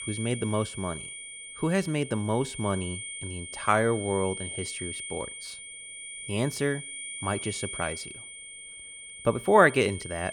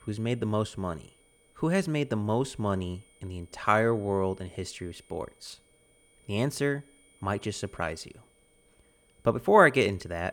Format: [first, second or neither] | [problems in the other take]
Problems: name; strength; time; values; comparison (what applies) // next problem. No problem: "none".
second | high-pitched whine; loud; throughout; 2 kHz, 9 dB below the speech; faint in the second